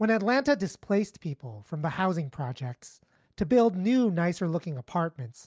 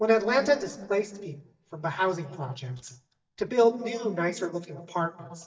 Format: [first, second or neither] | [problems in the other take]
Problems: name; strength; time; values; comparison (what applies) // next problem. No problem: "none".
first | noise reduction (neural mask model DeepFilterNet 3)